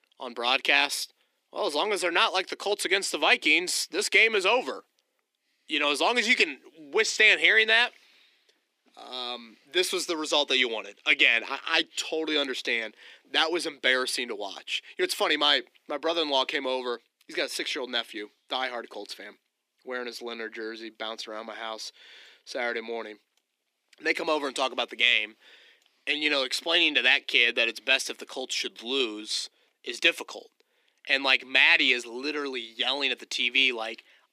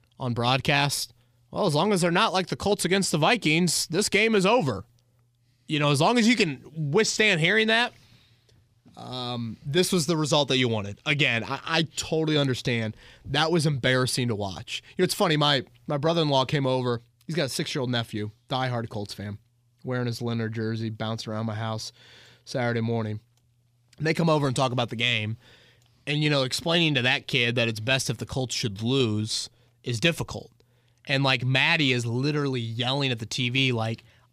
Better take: second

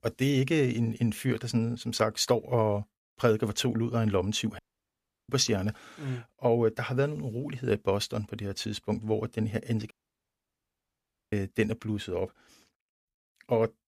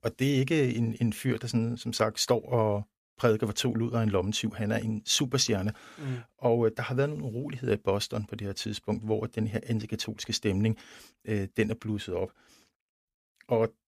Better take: second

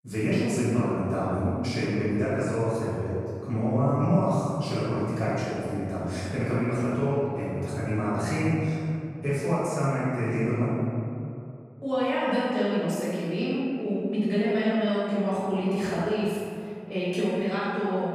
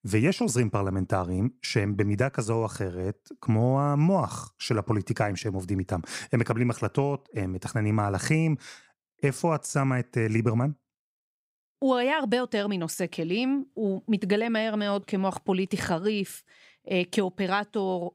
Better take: second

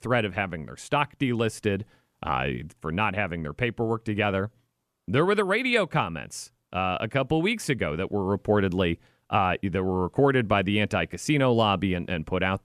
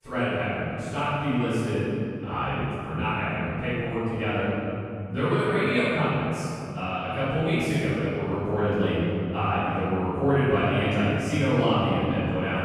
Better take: first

